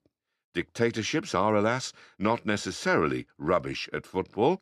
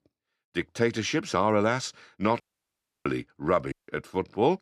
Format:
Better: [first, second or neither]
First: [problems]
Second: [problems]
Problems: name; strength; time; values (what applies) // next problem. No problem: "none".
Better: first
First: none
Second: audio cutting out; at 2.5 s for 0.5 s and at 3.5 s